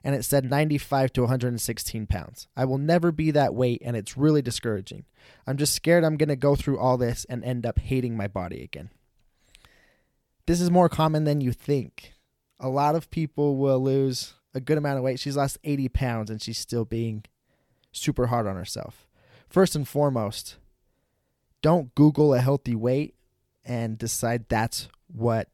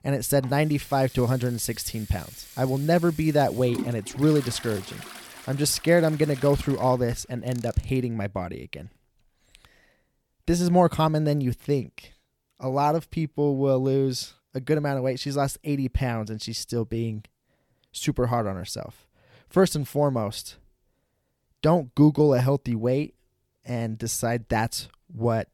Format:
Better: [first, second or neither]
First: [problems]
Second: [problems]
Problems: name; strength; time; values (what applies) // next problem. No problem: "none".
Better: first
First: none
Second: household noises; noticeable; until 7.5 s; 15 dB below the speech